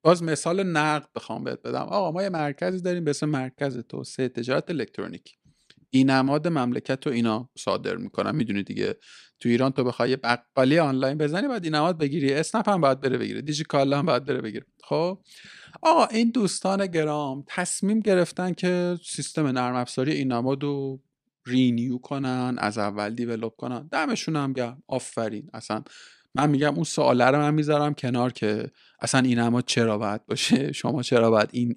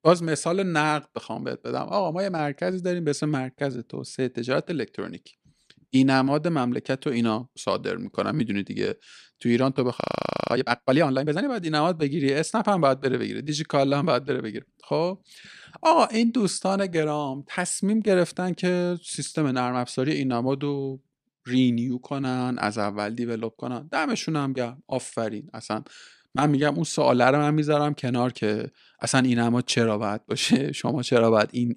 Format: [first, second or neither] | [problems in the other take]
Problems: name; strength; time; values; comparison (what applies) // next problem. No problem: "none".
first | audio freezing; at 10 s for 0.5 s